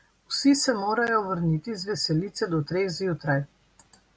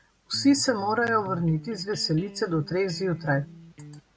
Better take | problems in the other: first | background sound (Electric guitar); 17 dB below the speech

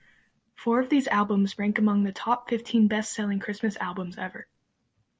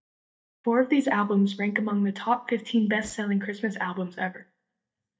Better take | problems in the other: first | noise reduction (neural mask model DeepFilterNet 3)

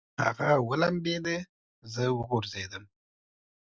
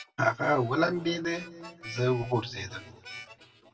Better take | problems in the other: first | background sound (Harmonica); 18 dB below the speech // room echo; dies away in 1.5 s

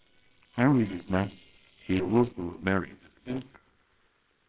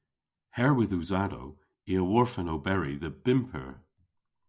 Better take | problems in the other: second | noise reduction (neural separator model SepFormer WHAMR!)

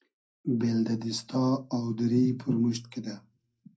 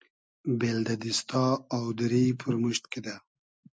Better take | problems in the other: second | room echo; dies away in 0.2 s

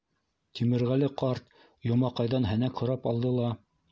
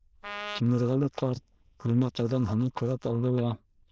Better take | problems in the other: first | noise reduction (neural diffusion model UNIVERSE++)

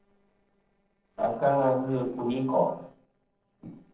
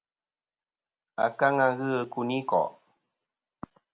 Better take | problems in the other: second | noise reduction (neural separator model SepFormer DNS4)

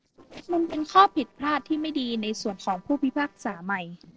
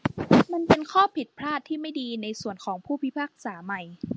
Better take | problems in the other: second | noise reduction (neural separator model SepFormer DNS4)

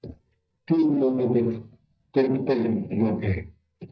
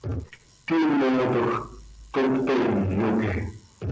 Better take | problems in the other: second | noise reduction (neural mask model DeepFilterNet 3)

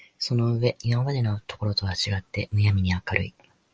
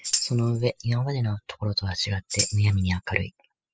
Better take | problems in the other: first | noise reduction (classical method spectral subtraction)

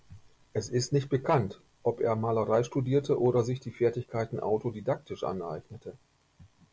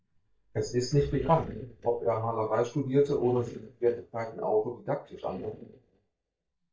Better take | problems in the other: first | noise reduction (neural mask model DeepFilterNet 3)

